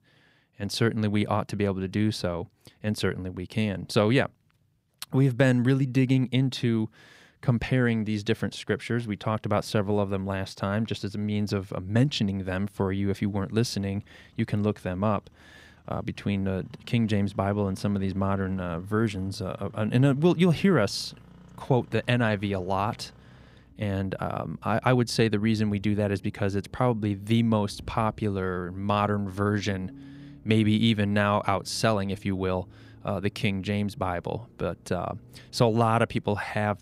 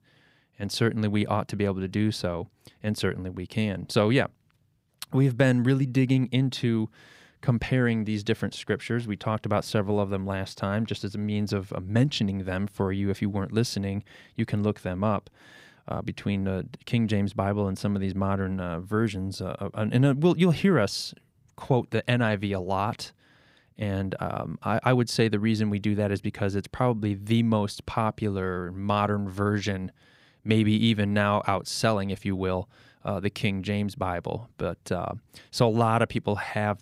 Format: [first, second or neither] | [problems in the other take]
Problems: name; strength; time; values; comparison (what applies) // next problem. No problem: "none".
second | traffic noise; faint; from 13 s on; 25 dB below the speech